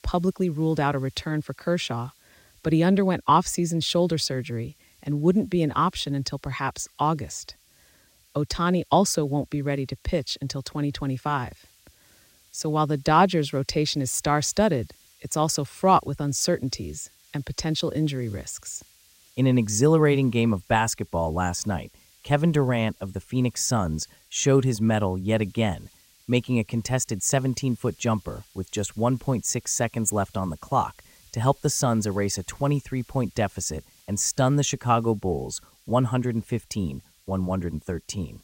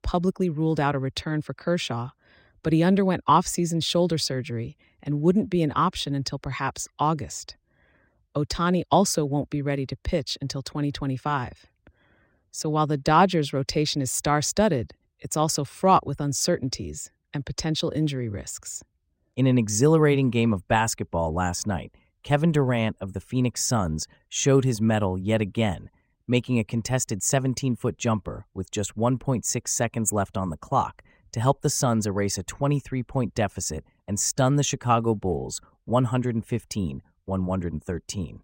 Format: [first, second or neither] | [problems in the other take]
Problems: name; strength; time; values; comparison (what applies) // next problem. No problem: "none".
second | hiss; faint; throughout; 30 dB below the speech